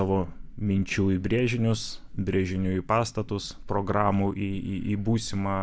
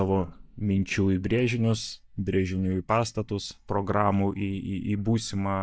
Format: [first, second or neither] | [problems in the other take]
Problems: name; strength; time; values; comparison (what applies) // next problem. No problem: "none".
first | noise reduction (neural mask model DeepFilterNet 3)